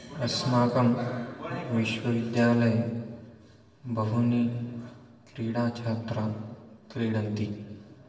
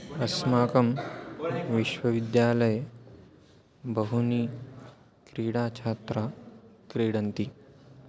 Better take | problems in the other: second | room echo; dies away in 1.4 s

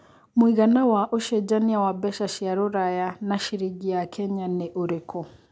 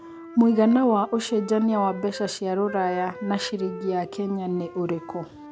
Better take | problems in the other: first | background sound (Wind instrument, woodwind instrument); 16 dB below the speech

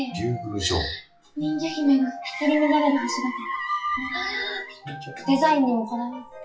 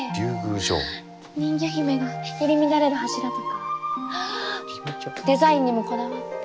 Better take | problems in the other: second | noise reduction (classical method WPE with log-MMSE)

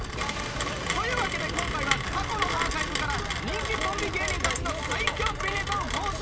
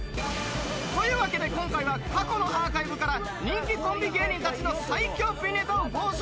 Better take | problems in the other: second | background sound (Rain); 1 dB above the speech

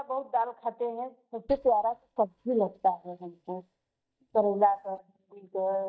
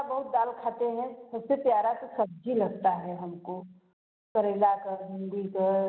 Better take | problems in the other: second | noise reduction (neural mask model DeepFilterNet 3)

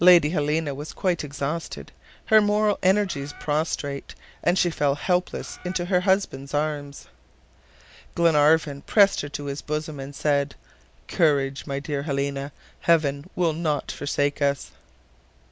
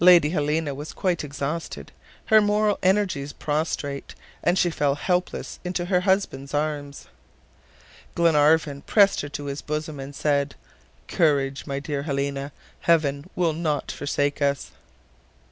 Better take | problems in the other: second | background sound (Bird); 19 dB below the speech

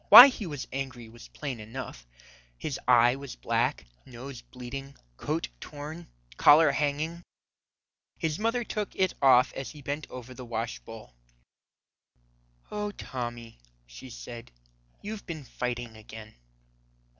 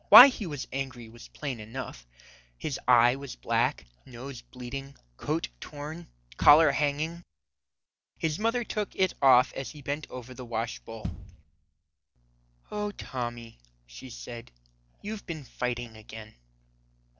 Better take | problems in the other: first | noise reduction (neural separator model SepFormer DNS4)

